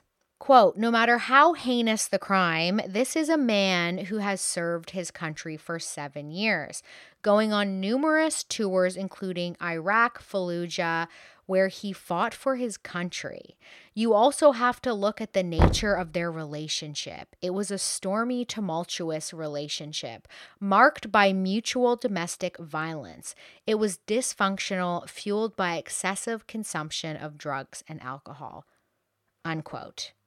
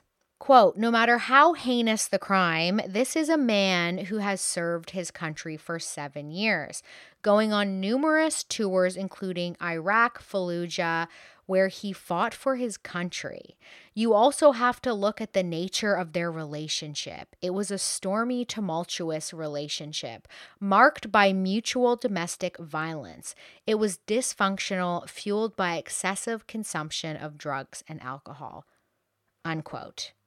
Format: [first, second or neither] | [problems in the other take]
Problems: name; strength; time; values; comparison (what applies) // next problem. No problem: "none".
second | door banging; loud; at 16 s; peak 2 dB above the speech